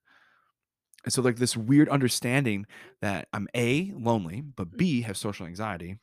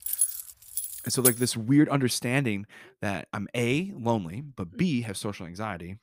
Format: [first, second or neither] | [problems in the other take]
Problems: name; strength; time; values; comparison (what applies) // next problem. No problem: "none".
first | jangling keys; loud; until 1.5 s; peak 4 dB above the speech